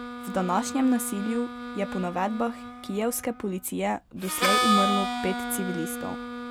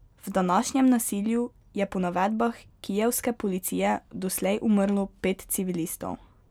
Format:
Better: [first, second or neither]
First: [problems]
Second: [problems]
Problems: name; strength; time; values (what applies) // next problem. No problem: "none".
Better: second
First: background sound (Harmonica); 2 dB below the speech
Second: none